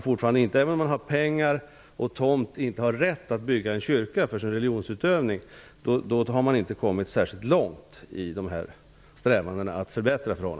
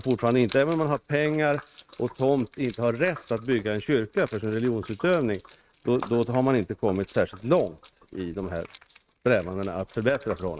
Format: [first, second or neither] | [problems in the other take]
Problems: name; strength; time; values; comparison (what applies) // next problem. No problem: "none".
first | noise reduction (neural mask model RNNoise)